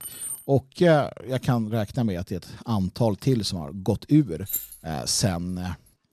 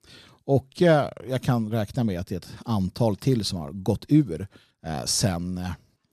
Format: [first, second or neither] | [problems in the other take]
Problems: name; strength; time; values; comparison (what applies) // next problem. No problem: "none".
second | jangling keys; noticeable; at the start and at 4.5 s; peak 5 dB below the speech